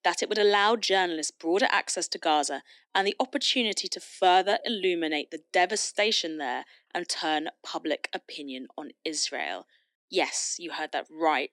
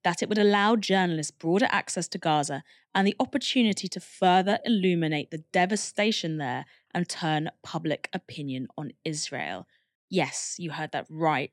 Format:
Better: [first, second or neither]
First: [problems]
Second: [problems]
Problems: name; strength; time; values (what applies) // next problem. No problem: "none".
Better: second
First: thin; somewhat; fading below 300 Hz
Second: none